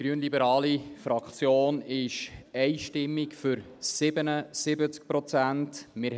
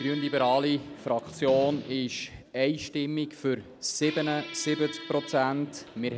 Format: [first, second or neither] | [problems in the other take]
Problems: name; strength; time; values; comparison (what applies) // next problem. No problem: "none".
first | background sound (Squeak); 15 dB below the speech